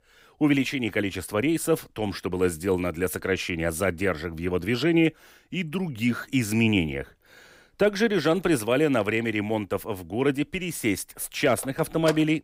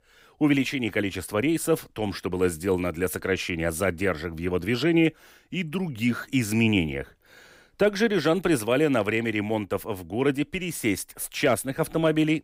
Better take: second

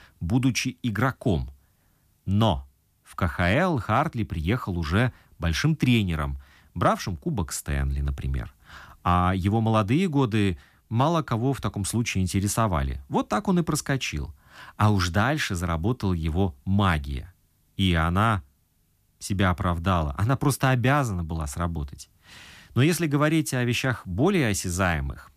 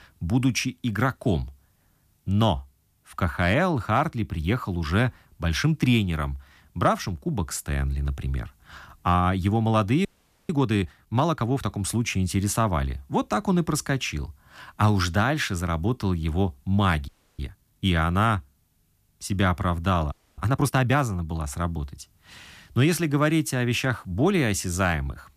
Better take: first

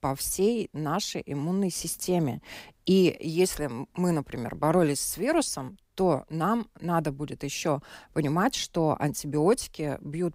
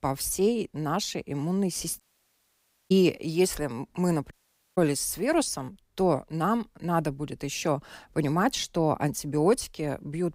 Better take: first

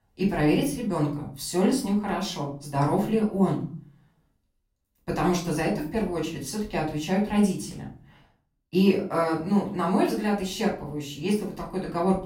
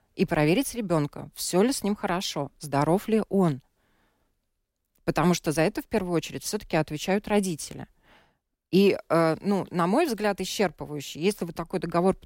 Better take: second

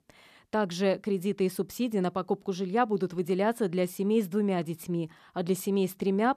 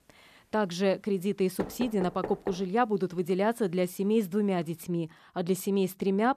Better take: first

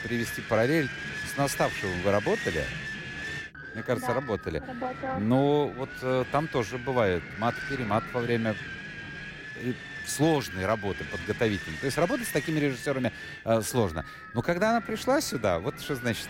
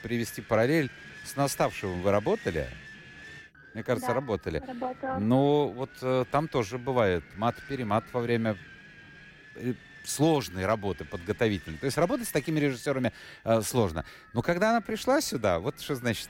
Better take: second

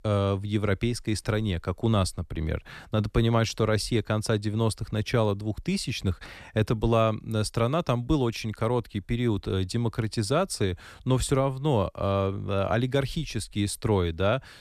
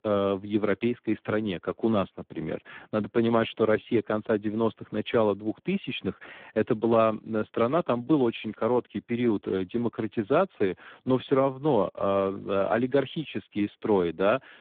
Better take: first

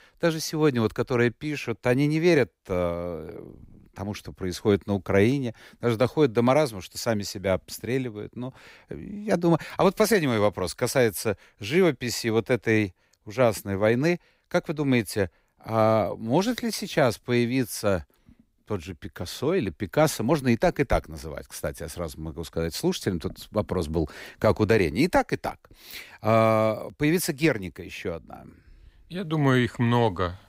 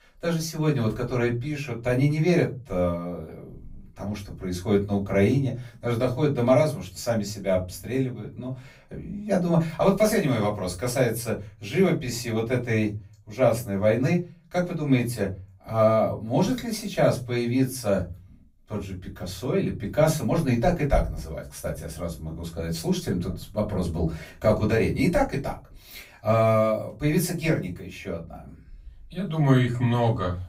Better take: first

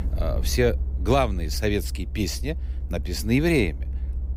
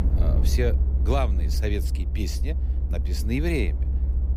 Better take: first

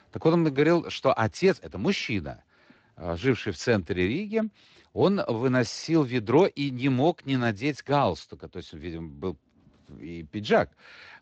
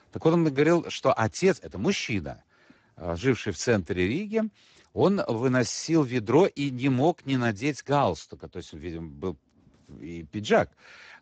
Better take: first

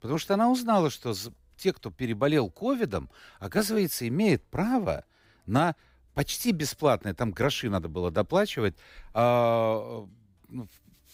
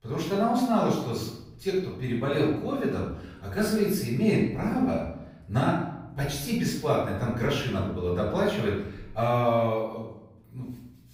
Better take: first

